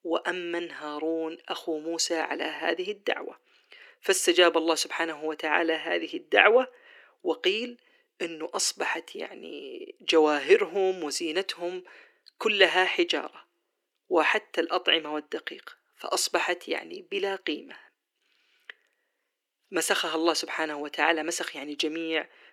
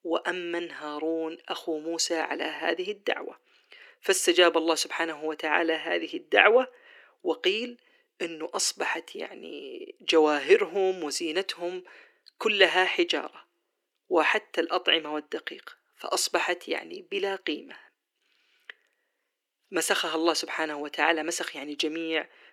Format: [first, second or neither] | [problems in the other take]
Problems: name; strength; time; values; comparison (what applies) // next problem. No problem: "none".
neither | thin; very; fading below 300 Hz; the same in both